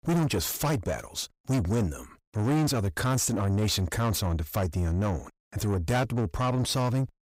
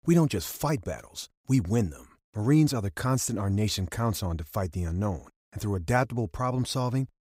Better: second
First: distortion; heavy; 7 dB below the speech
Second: none

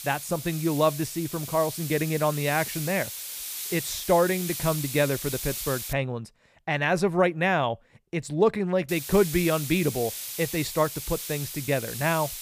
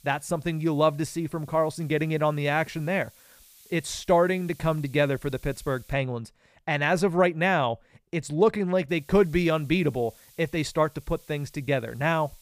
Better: second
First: hiss; loud; until 6 s and from 9 s on; 7 dB below the speech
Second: hiss; faint; until 6 s and from 9 s on; 25 dB below the speech

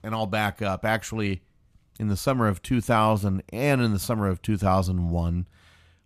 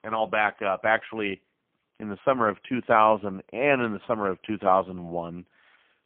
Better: first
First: none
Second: phone-call audio; poor line

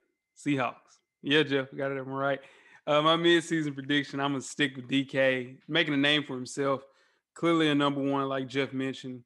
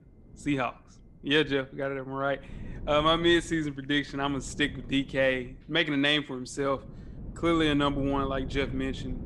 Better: first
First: none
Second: wind noise on the microphone; occasional gusts; 25 dB below the speech

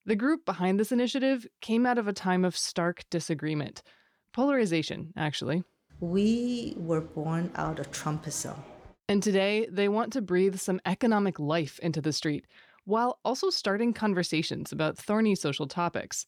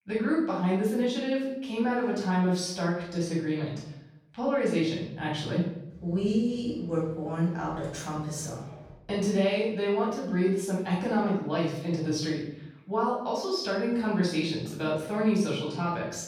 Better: first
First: none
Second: off-mic speech; far // room echo; noticeable; dies away in 0.7 s

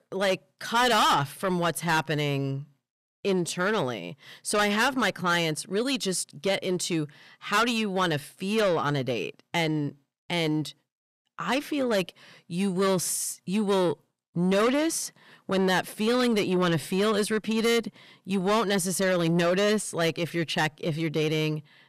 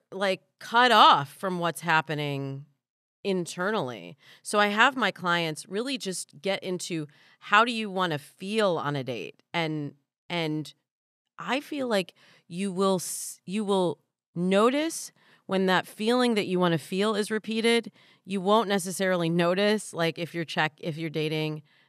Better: second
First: distortion; heavy; 6 dB below the speech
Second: none

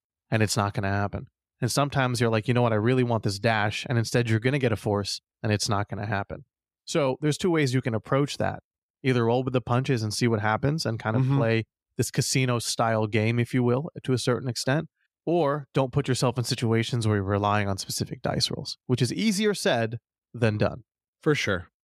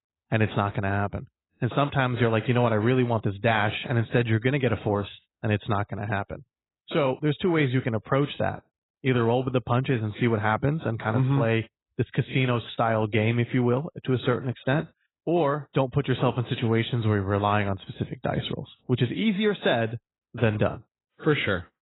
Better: first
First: none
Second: garbled, watery; badly; nothing above 4 kHz

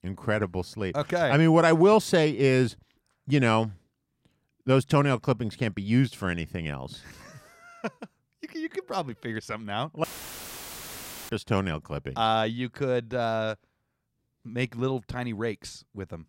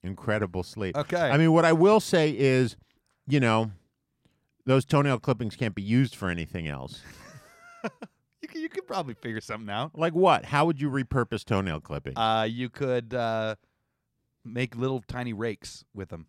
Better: second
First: audio cutting out; filled with static; at 10 s for 1.5 s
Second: none

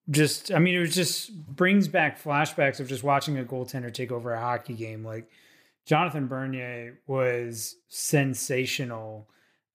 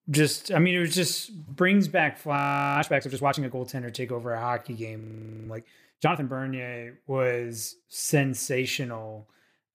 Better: first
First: none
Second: audio freezing; at 2.5 s and at 5 s

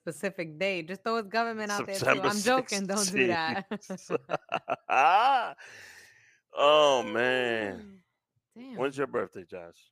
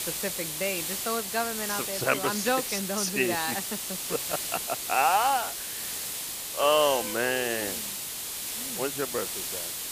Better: first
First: none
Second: hiss; loud; throughout; 3 dB below the speech

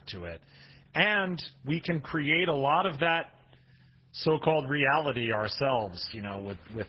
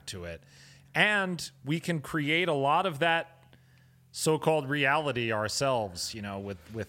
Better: second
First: garbled, watery; badly; nothing above 5.5 kHz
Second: none

